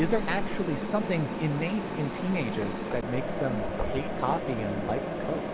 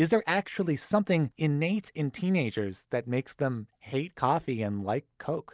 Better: second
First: background sound (Mechanisms); as loud as the speech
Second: none

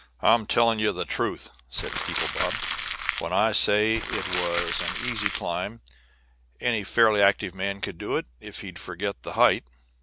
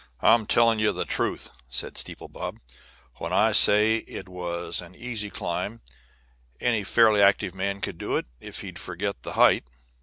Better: second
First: background sound (Crumpling, crinkling); 4 dB below the speech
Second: none

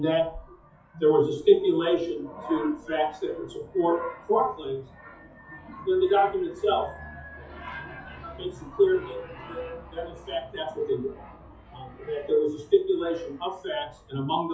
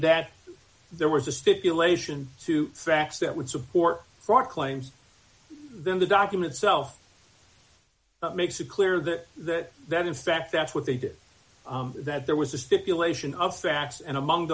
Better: second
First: noise reduction (classical method WPE with log-MMSE)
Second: none

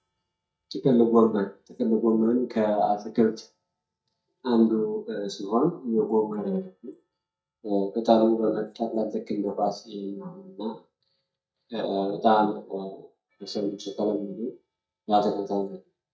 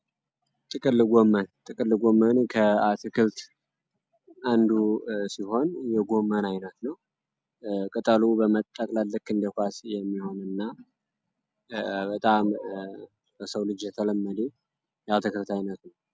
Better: second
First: noise reduction (neural mask model DeepFilterNet 3)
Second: none

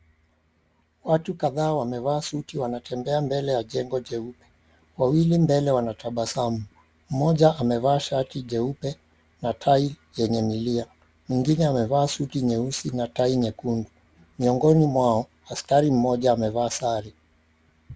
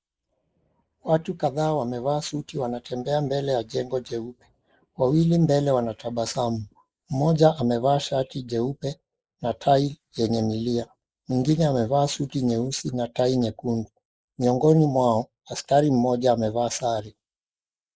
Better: first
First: none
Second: noise reduction (neural mask model Resemble Enhance denoiser)

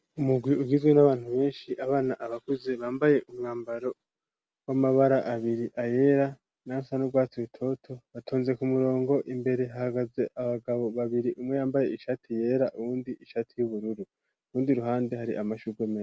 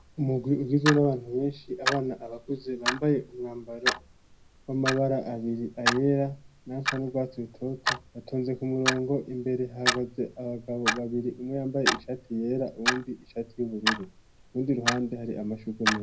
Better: first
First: none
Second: background sound (Clock); 4 dB below the speech // room echo; dies away in 0.3 s

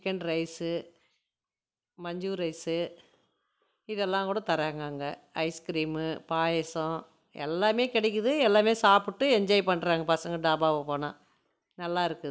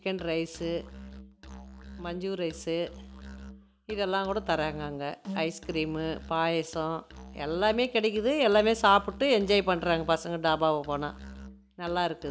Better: first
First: none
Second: background sound (Musical instrument); 16 dB below the speech

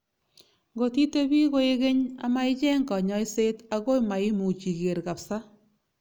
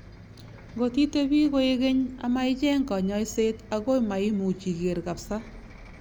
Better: first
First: none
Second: background sound (Bus); 18 dB below the speech

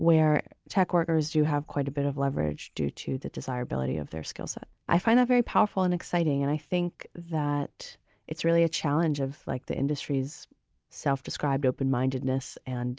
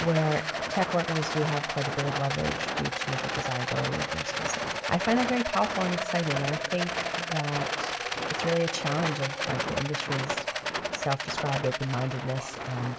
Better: first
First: none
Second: background sound (Rattle); 1 dB below the speech // room echo; dies away in 1.1 s

